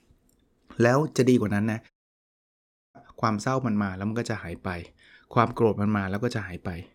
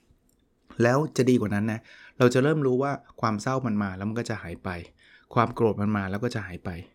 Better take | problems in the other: second | audio cutting out; at 2 s for 1 s

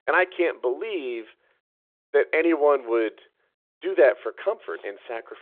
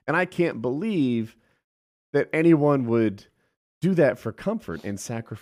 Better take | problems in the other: second | phone-call audio

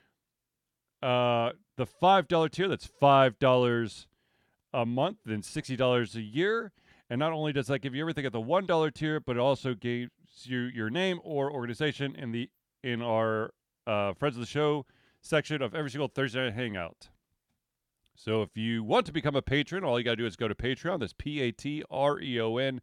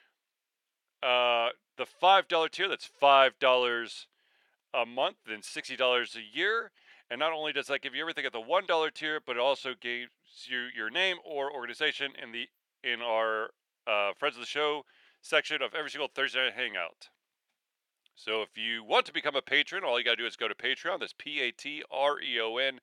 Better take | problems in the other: first | thin; very; fading below 550 Hz

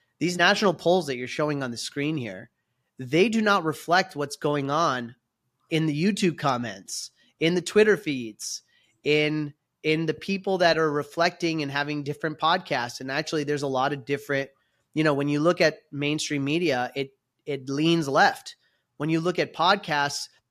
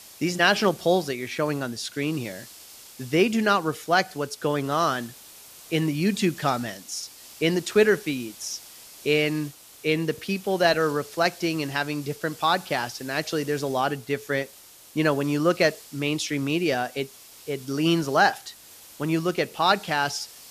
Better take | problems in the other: first | hiss; noticeable; throughout; 20 dB below the speech

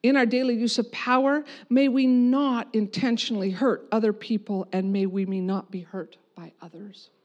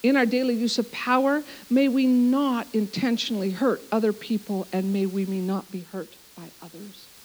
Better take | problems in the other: first | hiss; faint; throughout; 20 dB below the speech

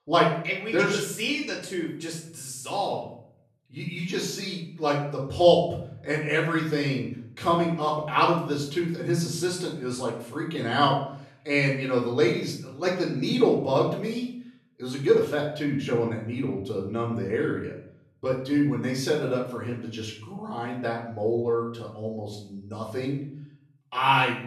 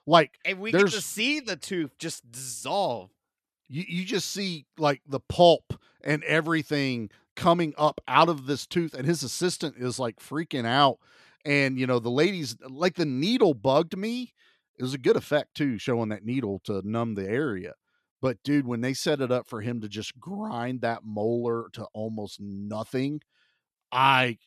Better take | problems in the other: second | room echo; noticeable; dies away in 0.6 s // off-mic speech; far

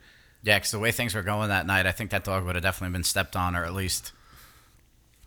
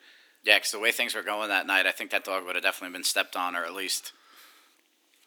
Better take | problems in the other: first | thin; somewhat; fading below 300 Hz

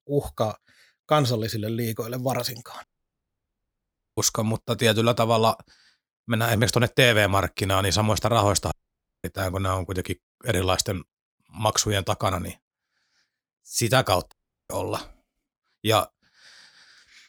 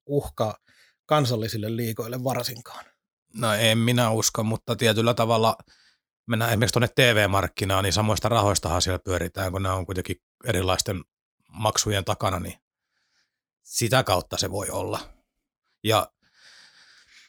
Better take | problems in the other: second | audio cutting out; at 3 s for 1.5 s, at 8.5 s for 0.5 s and at 14 s

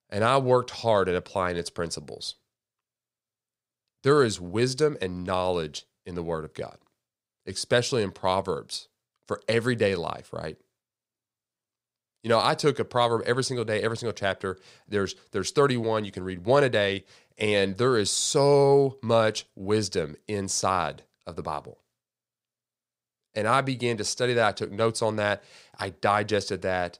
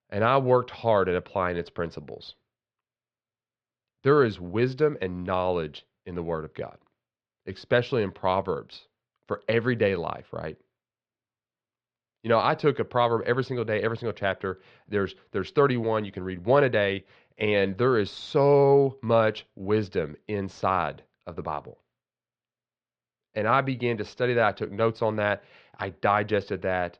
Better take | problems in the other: first | muffled; very; fading above 3 kHz

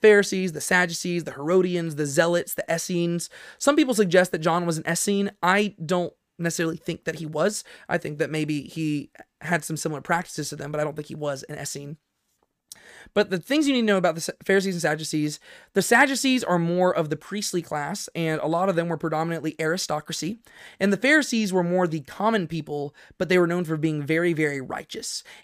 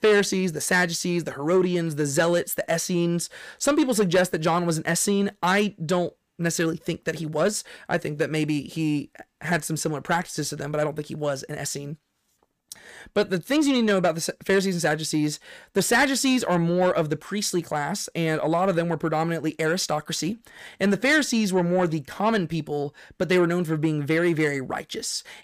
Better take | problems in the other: first | distortion; slight; 10 dB below the speech

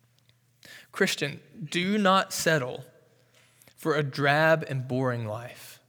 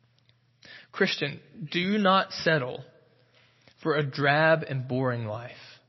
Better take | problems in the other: first | garbled, watery; slightly; nothing above 5.5 kHz

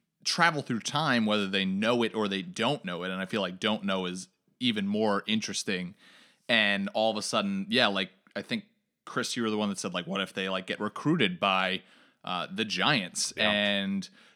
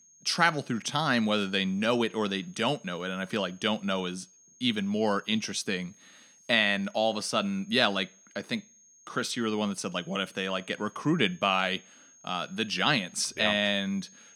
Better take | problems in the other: first | high-pitched whine; faint; throughout; 6.5 kHz, 25 dB below the speech

